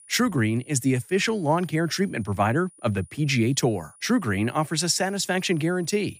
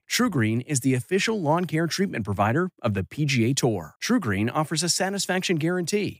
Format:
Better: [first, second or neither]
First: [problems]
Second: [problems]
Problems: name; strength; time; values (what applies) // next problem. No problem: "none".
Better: second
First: high-pitched whine; faint; throughout; 9.5 kHz, 25 dB below the speech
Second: none